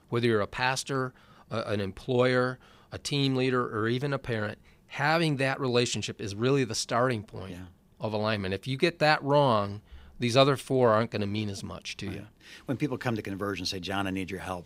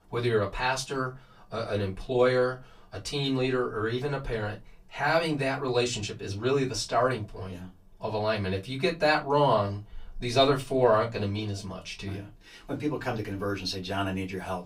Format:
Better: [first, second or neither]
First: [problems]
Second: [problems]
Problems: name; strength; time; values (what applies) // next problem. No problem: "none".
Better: first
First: none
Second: off-mic speech; far // room echo; very slight; dies away in 0.2 s